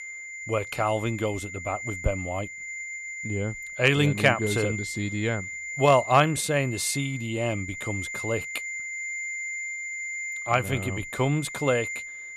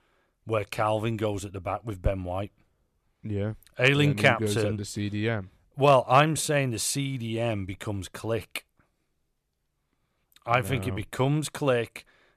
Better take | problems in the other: second | high-pitched whine; loud; throughout; 2 kHz, 7 dB below the speech

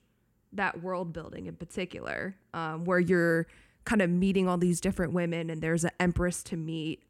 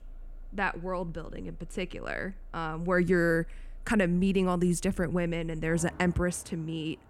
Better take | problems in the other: first | traffic noise; faint; throughout; 20 dB below the speech

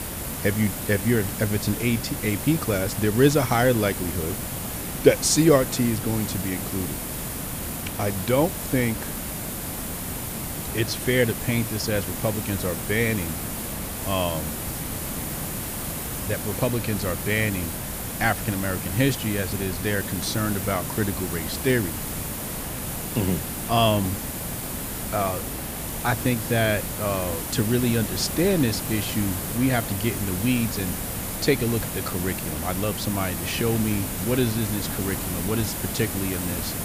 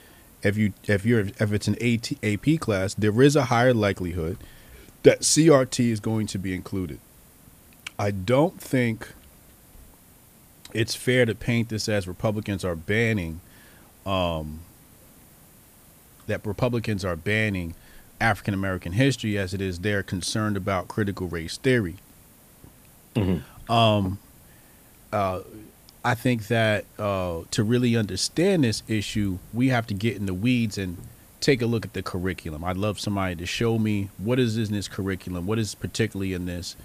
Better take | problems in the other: second | hiss; loud; throughout; 4 dB below the speech; faint in the second

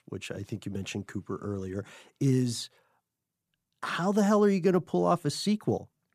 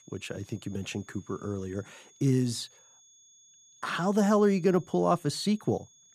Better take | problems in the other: first | high-pitched whine; faint; throughout; 6.5 kHz, 25 dB below the speech

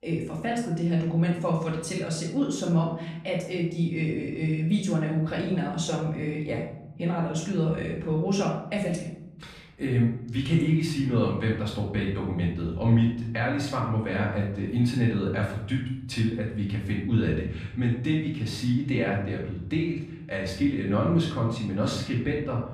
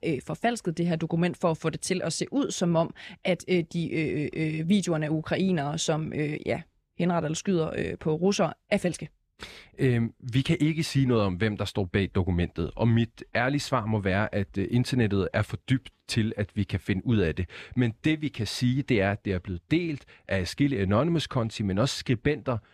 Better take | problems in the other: second | off-mic speech; far // room echo; noticeable; dies away in 0.7 s

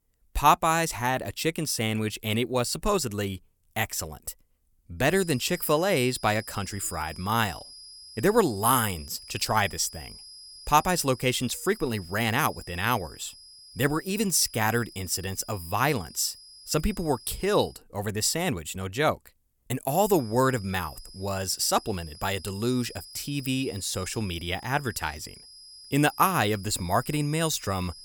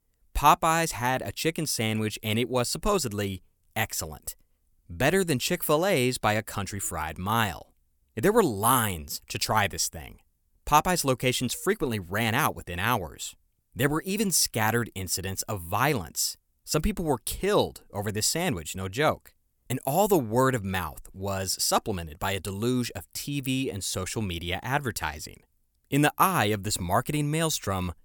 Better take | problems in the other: second | high-pitched whine; noticeable; from 5 to 18 s and from 20 s on; 5 kHz, 20 dB below the speech

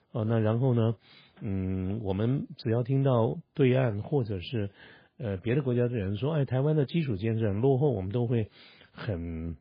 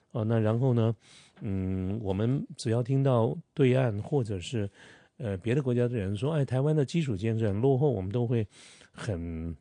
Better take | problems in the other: second | garbled, watery; badly; nothing above 4.5 kHz; slightly in the second

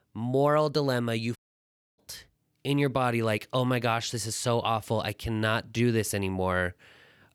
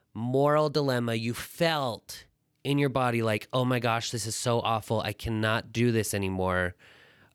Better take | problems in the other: second | audio cutting out; at 1.5 s for 0.5 s

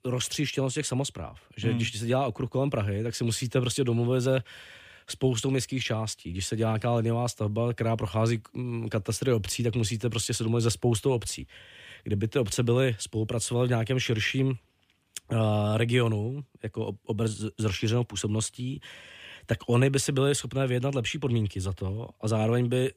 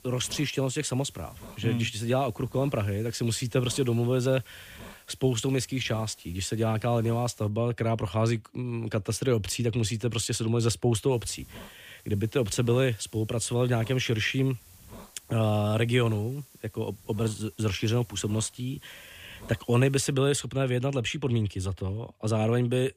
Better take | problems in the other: first | hiss; faint; until 7.5 s and from 11 to 20 s; 20 dB below the speech

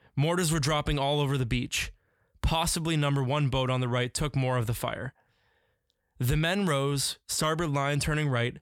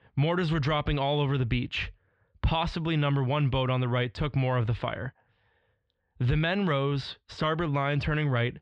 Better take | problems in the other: first | muffled; slightly; fading above 3.5 kHz

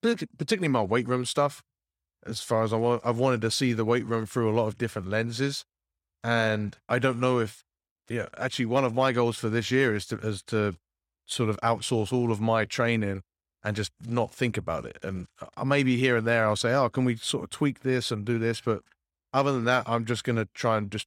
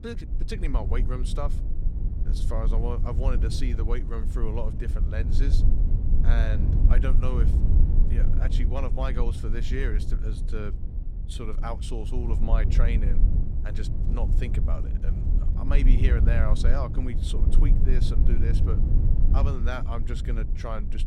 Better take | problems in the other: first | low rumble; loud; throughout; 5 dB below the speech

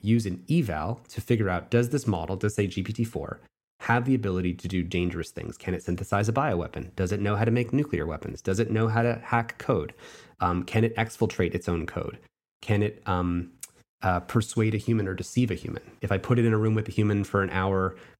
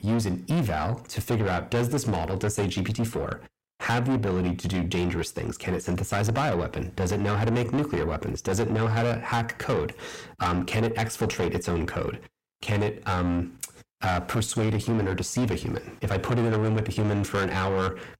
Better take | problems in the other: first | distortion; heavy; 6 dB below the speech

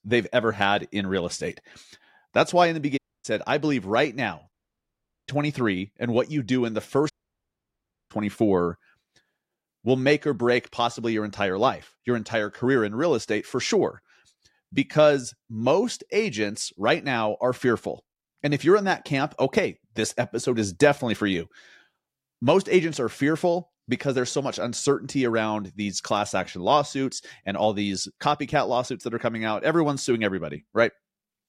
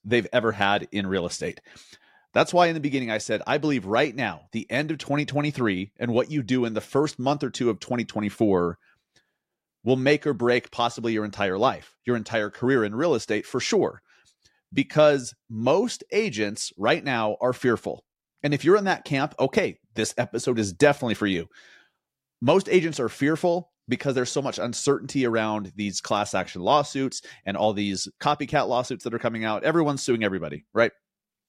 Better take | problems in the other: second | audio cutting out; at 3 s, at 4.5 s for 1 s and at 7 s for 1 s

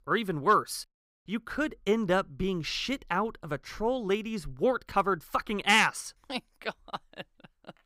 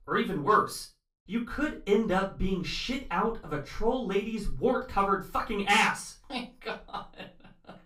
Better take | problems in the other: first | off-mic speech; far // room echo; slight; dies away in 0.2 s

